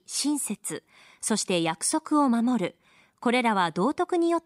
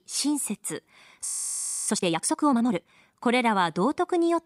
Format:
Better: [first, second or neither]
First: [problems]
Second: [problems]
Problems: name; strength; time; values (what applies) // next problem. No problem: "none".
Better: first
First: none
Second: audio freezing; at 1.5 s for 0.5 s